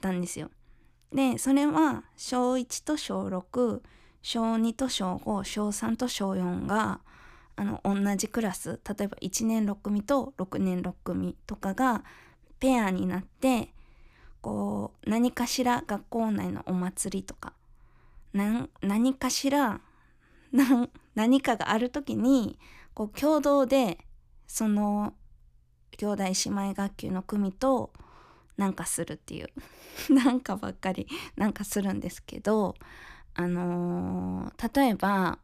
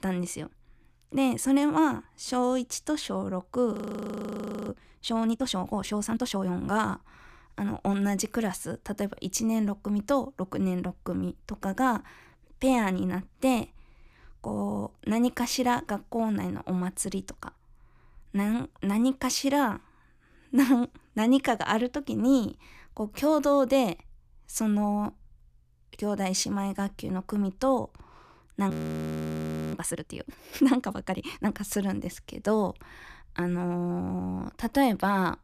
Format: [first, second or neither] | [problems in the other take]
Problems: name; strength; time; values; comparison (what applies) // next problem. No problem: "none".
first | audio freezing; at 3.5 s for 1 s and at 29 s for 1 s